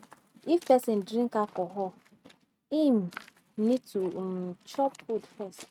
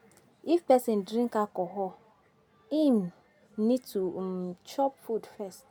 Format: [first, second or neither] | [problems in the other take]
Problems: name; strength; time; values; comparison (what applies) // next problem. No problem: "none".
second | noise reduction (neural mask model RNNoise)